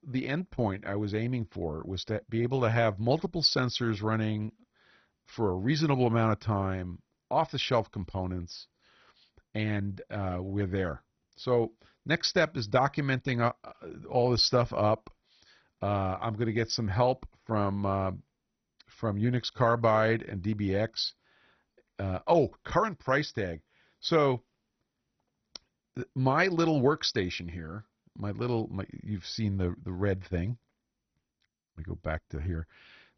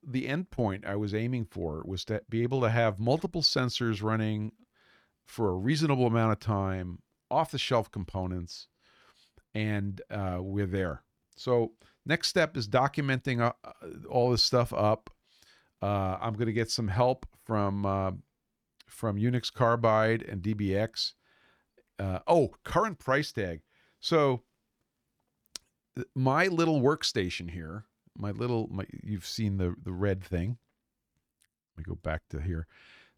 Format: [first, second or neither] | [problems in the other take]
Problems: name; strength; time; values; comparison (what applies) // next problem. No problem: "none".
second | garbled, watery; badly; nothing above 6 kHz